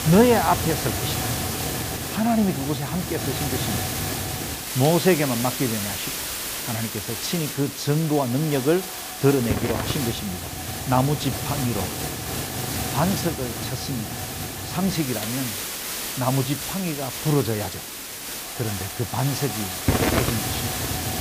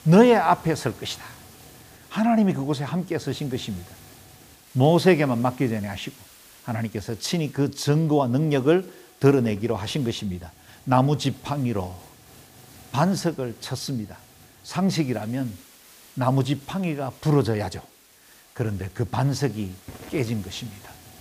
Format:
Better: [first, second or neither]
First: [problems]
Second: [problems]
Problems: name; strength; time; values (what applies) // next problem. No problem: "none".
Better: second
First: hiss; loud; throughout; 2 dB below the speech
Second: hiss; faint; throughout; 25 dB below the speech